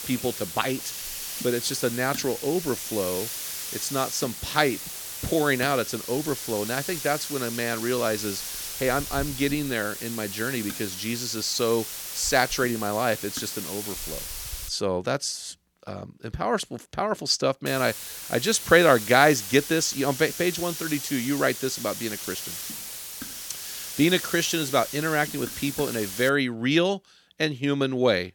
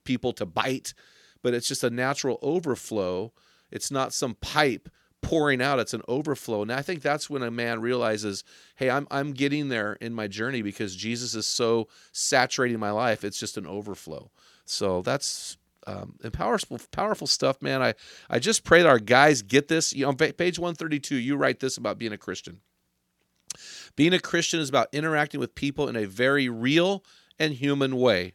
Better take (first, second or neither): second